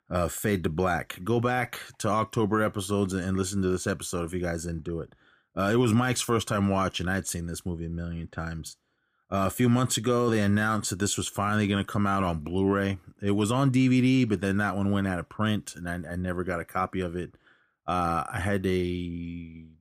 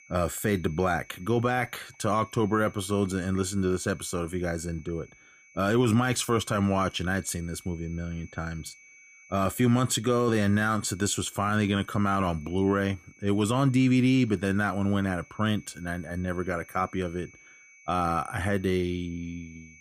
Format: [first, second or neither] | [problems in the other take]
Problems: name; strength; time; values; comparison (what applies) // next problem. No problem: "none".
first | high-pitched whine; faint; throughout; 2.5 kHz, 25 dB below the speech